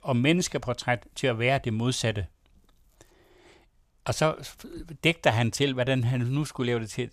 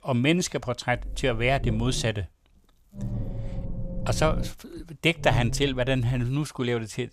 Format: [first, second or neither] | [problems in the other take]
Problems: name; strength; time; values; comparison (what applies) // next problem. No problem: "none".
first | low rumble; noticeable; from 1 to 2 s, from 3 to 4.5 s and from 5 to 6.5 s; 15 dB below the speech